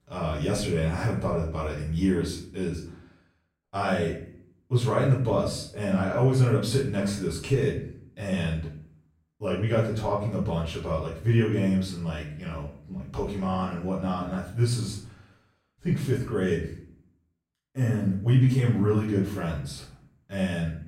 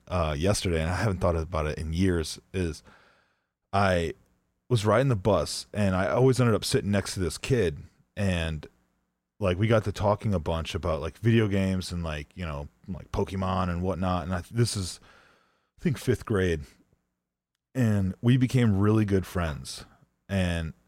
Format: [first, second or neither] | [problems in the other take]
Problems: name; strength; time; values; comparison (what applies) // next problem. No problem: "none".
second | room echo; noticeable; dies away in 0.5 s // off-mic speech; far